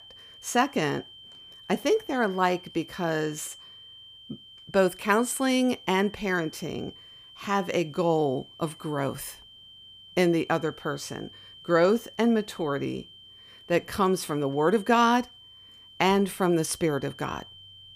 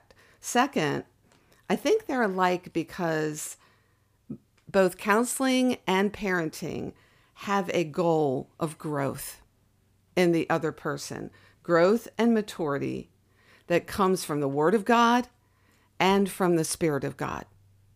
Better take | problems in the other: second | high-pitched whine; noticeable; throughout; 3 kHz, 20 dB below the speech

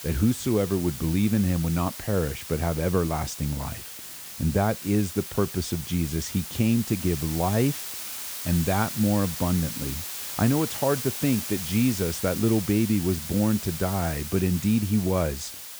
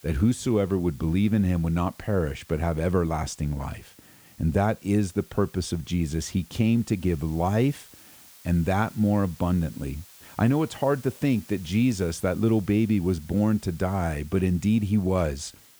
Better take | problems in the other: second | hiss; loud; throughout; 8 dB below the speech; faint in the second

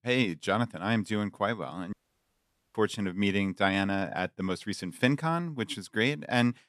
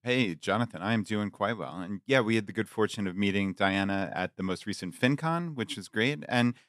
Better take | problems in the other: second | audio cutting out; at 2 s for 1 s

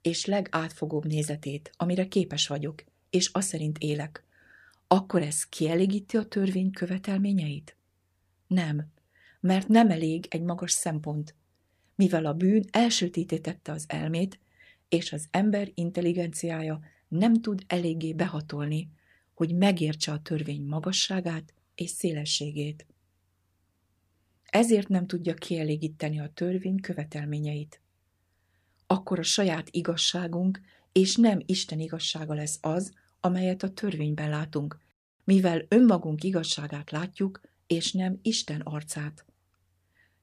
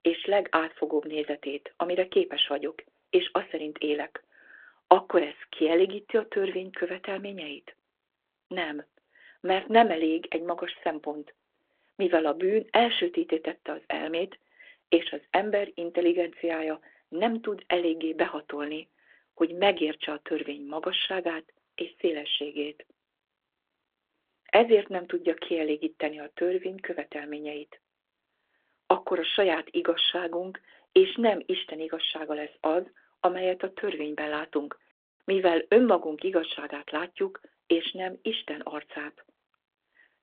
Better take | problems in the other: first | phone-call audio; nothing above 3.5 kHz

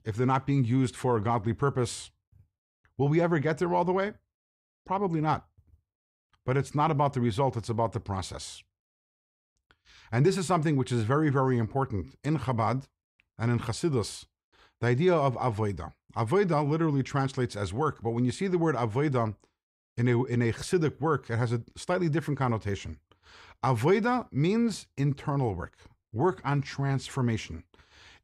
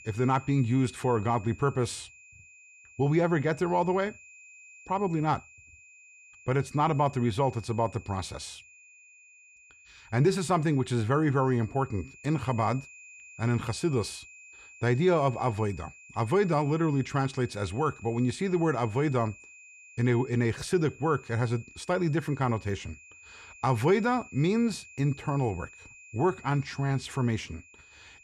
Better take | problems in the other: first | high-pitched whine; faint; throughout; 2.5 kHz, 20 dB below the speech

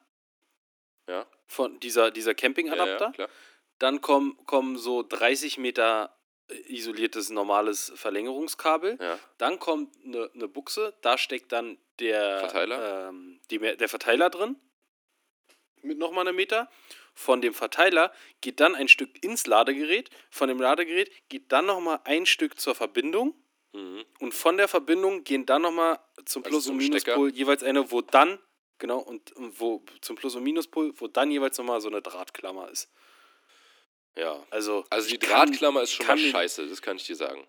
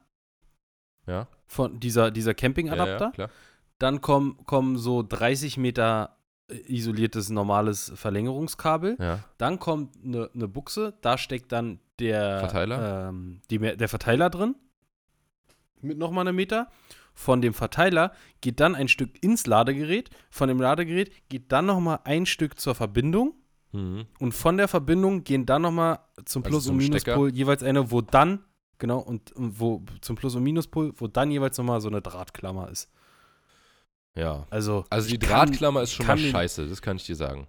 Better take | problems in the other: second | thin; somewhat; fading below 300 Hz

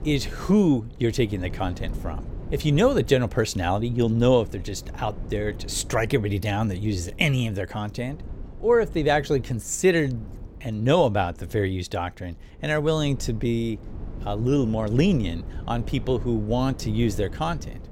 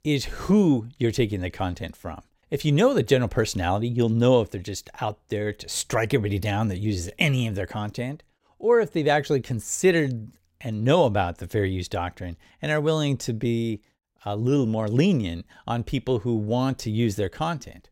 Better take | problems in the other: second | low rumble; faint; throughout; 20 dB below the speech

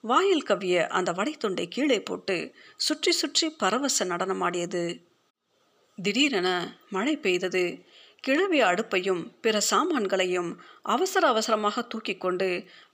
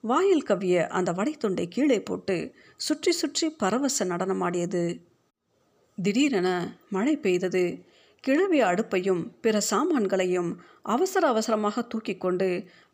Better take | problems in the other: second | thin; very slightly; fading below 350 Hz

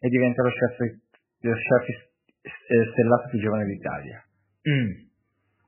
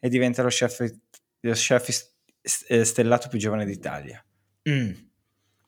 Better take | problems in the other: second | garbled, watery; badly; nothing above 3 kHz

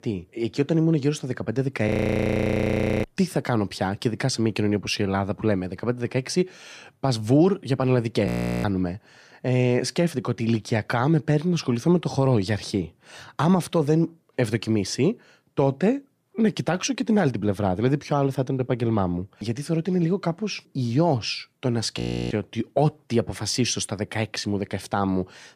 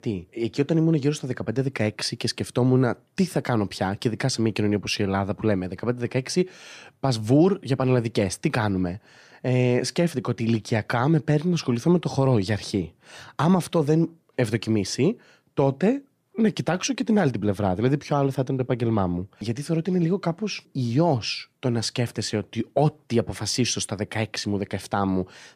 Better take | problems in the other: second | audio freezing; at 2 s for 1 s, at 8.5 s and at 22 s

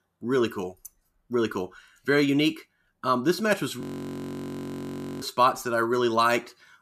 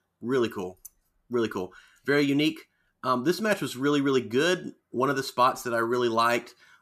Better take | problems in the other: second | audio freezing; at 4 s for 1.5 s

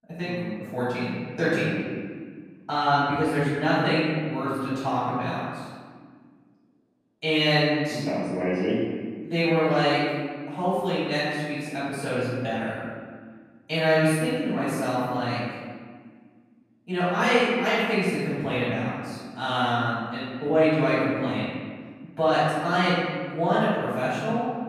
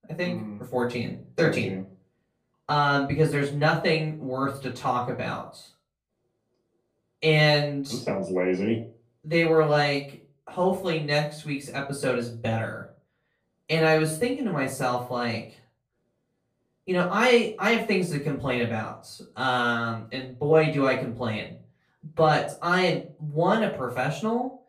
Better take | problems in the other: second | room echo; strong; dies away in 1.7 s; slight in the second // off-mic speech; far; far in the second

